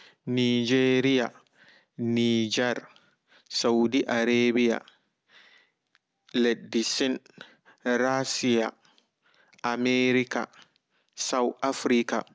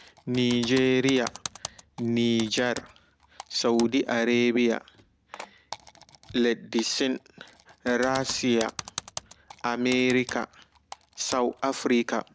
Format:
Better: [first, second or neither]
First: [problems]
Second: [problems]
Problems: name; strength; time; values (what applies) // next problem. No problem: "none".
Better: first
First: none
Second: background sound (Typing); 16 dB below the speech